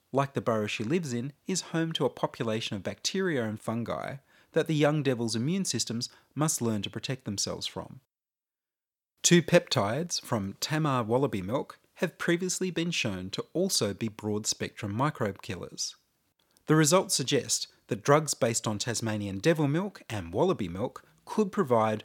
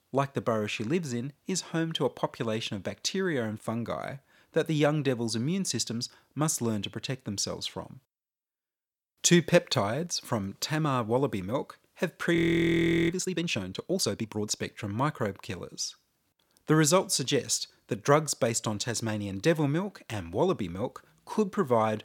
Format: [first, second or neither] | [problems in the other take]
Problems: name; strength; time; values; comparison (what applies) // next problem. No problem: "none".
first | audio freezing; at 12 s for 0.5 s